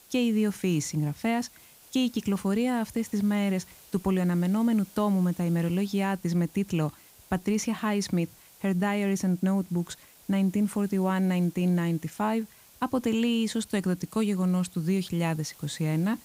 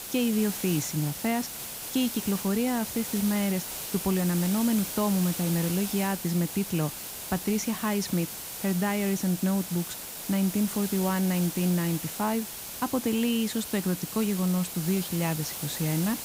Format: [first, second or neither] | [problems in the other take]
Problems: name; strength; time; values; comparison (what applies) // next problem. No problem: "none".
first | hiss; loud; throughout; 6 dB below the speech; faint in the first